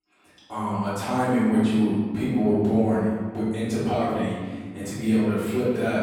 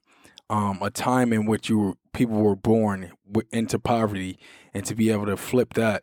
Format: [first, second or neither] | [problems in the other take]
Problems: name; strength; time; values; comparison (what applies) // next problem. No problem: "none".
second | room echo; strong; dies away in 1.5 s // off-mic speech; far